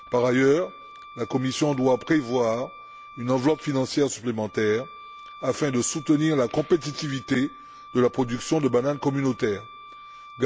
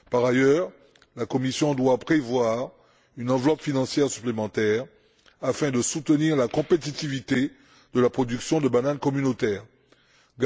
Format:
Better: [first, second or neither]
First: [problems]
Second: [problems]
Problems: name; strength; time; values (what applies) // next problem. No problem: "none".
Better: second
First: background sound (Wind instrument, woodwind instrument); 19 dB below the speech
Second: none